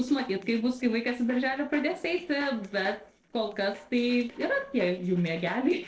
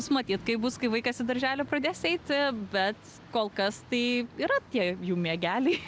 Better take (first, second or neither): second